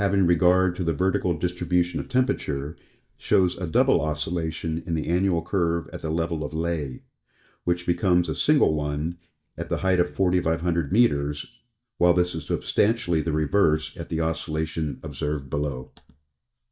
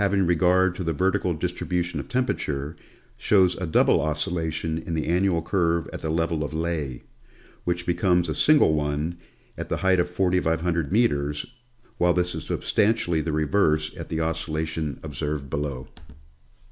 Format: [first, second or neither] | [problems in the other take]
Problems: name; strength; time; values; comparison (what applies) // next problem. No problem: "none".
second | noise reduction (neural mask model DeepFilterNet 3)